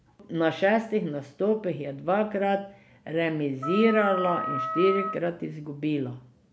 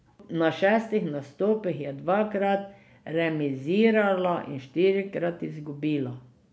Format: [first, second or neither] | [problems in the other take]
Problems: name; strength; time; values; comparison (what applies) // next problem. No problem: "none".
second | background sound (Wind instrument, woodwind instrument); 5 dB below the speech